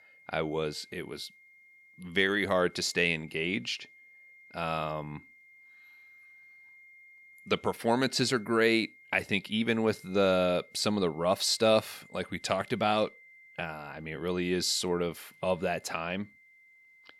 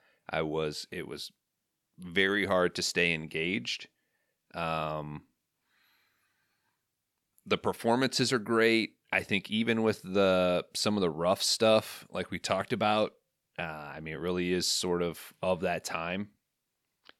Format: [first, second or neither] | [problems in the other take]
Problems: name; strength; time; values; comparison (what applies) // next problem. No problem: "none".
second | high-pitched whine; faint; throughout; 2 kHz, 25 dB below the speech